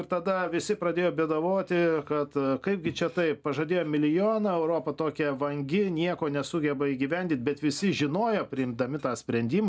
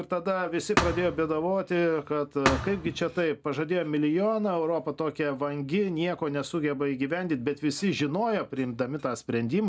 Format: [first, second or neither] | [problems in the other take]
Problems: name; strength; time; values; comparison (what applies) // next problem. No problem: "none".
first | background sound (Thump, thud); 5 dB below the speech